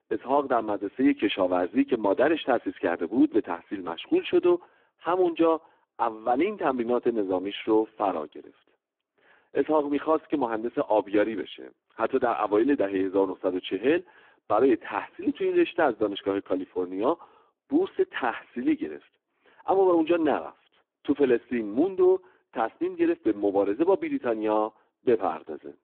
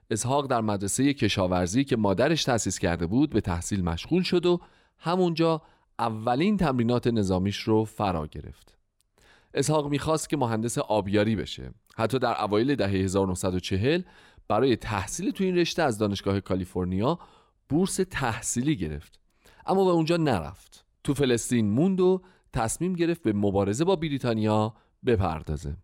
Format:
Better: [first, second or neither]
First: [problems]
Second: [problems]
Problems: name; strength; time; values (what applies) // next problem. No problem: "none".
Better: second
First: phone-call audio; poor line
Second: none